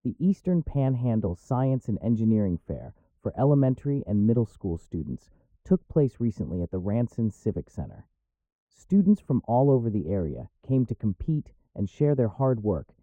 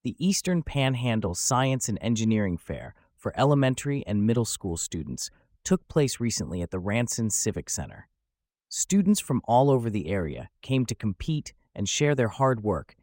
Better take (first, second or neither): second